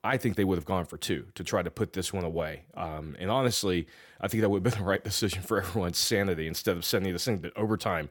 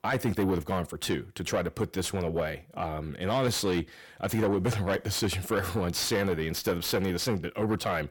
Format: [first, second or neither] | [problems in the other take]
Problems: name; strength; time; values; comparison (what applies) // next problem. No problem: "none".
first | distortion; slight; 10 dB below the speech